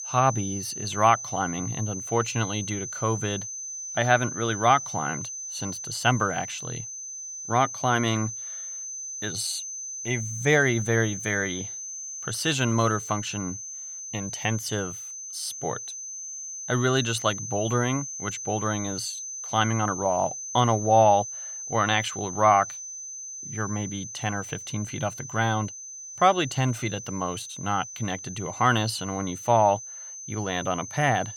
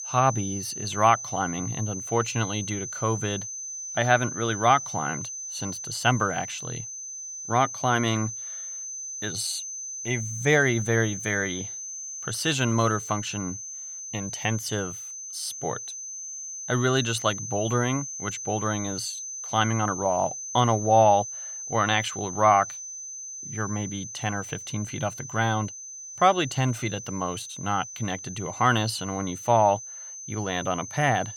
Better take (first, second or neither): neither